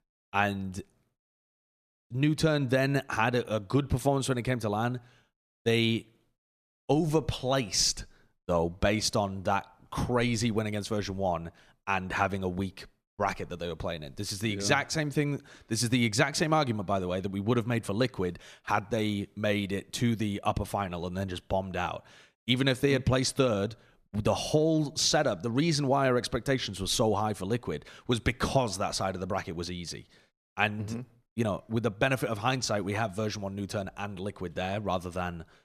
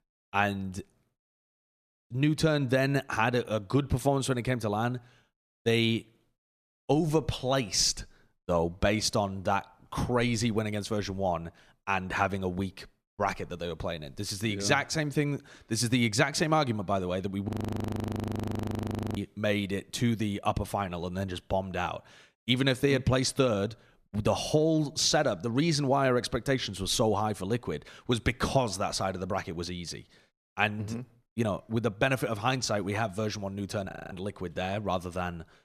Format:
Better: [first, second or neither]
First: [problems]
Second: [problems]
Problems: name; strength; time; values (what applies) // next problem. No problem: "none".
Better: first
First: none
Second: audio freezing; at 17 s for 1.5 s and at 34 s